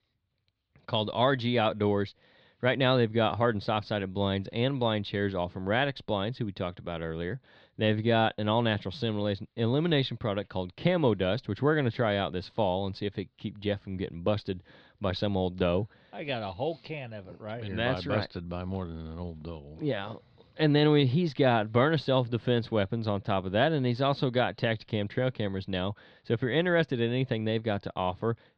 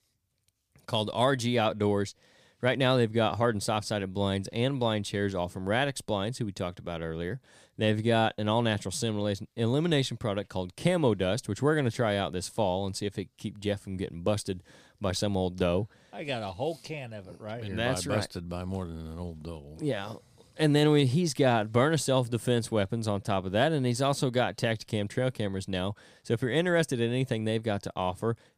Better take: second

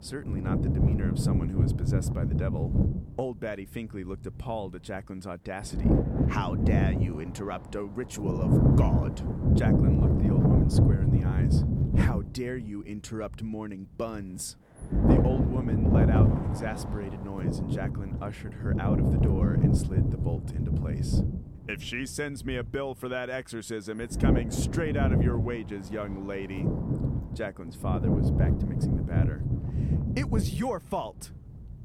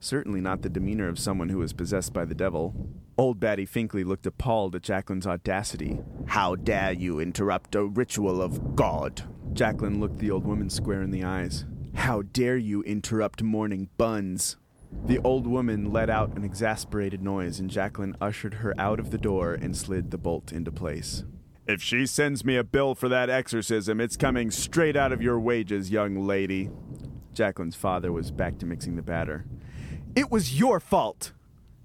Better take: second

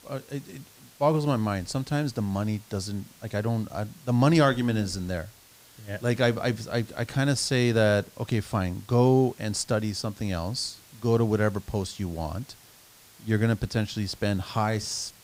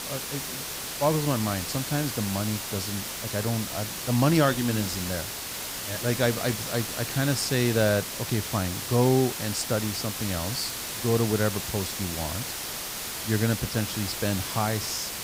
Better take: first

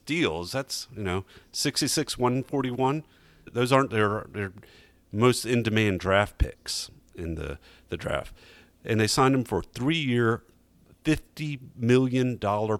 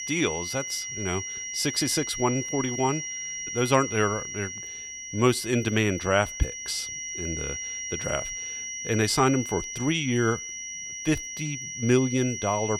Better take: first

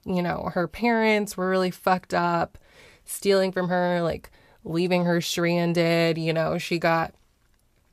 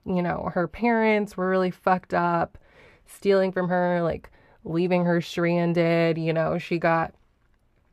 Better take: first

